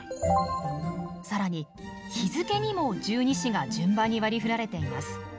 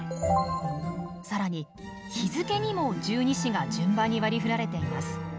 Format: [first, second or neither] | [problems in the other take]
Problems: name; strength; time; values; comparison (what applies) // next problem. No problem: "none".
first | background sound (Bowed string instrument); 8 dB below the speech